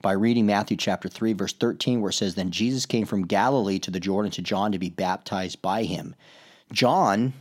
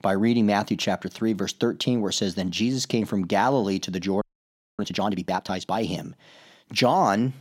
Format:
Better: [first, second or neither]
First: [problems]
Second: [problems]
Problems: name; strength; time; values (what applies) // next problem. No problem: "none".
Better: first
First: none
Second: audio freezing; at 4 s for 0.5 s